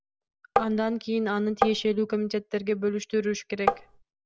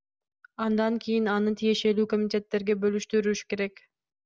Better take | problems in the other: second | background sound (Tap); 1 dB above the speech

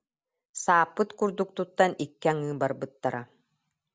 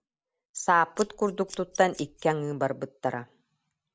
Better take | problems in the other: first | background sound (Scissors); 17 dB below the speech

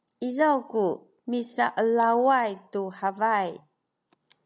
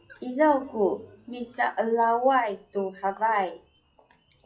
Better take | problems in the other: first | noise reduction (classical method WPE with log-MMSE)

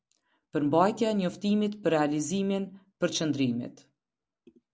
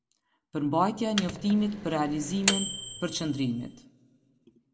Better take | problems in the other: first | background sound (Microwave oven); 5 dB below the speech // room echo; dies away in 0.8 s

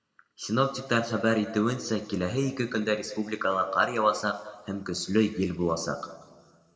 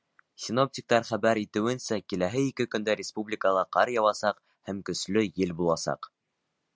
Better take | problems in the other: second | room echo; dies away in 1.3 s

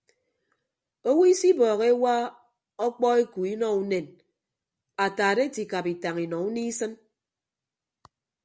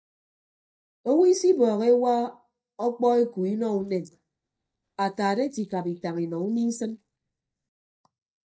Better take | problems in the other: first | noise reduction (neural mask model DeepFilterNet 3)

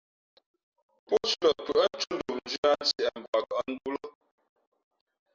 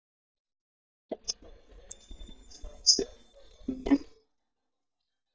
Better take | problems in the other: first | noise reduction (neural mask model DeepFilterNet 3)

